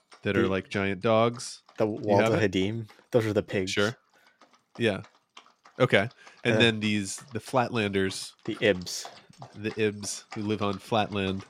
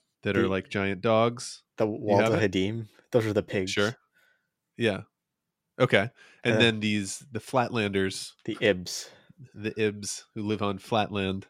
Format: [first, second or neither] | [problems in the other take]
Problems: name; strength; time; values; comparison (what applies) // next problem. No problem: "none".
second | animal sounds; faint; throughout; 25 dB below the speech